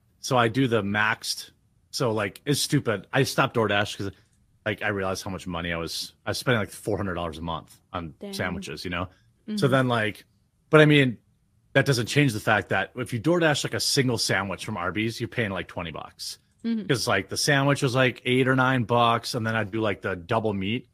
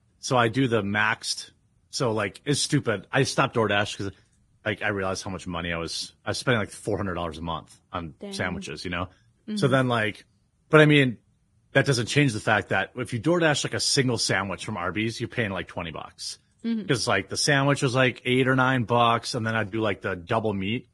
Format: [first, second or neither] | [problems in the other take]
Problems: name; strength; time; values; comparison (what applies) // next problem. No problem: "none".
first | garbled, watery; badly; nothing above 10.5 kHz; slightly in the first